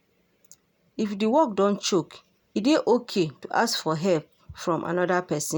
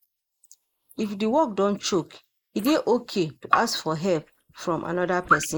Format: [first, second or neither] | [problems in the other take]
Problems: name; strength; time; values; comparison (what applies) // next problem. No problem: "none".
first | noise reduction (neural mask model Resemble Enhance denoiser)